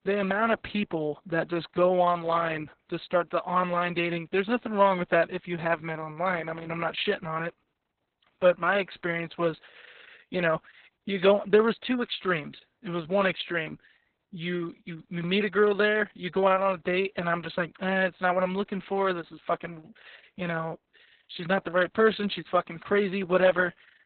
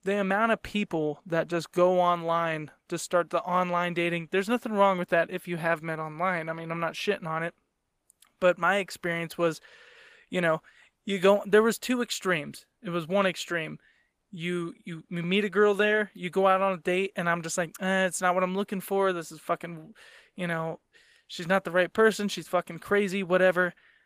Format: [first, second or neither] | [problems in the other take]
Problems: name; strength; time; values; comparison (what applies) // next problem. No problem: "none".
second | garbled, watery; badly; nothing above 4 kHz; slightly in the second